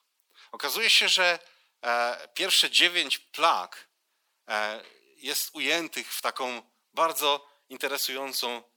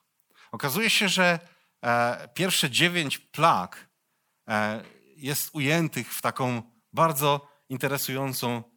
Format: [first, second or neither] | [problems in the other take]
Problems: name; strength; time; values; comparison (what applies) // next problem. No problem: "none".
second | thin; somewhat; fading below 350 Hz